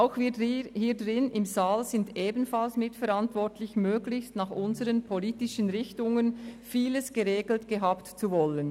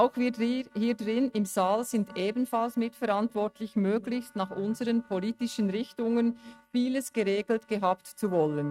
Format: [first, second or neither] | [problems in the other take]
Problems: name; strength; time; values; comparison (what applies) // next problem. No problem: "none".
first | noise reduction (neural mask model RNNoise)